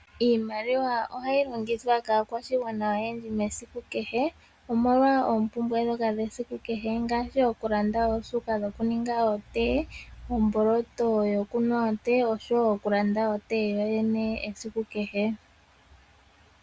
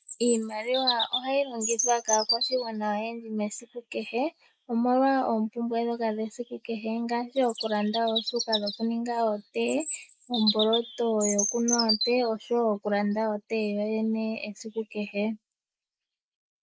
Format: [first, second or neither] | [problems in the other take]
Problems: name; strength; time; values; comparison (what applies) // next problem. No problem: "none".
first | noise reduction (neural mask model Resemble Enhance denoiser)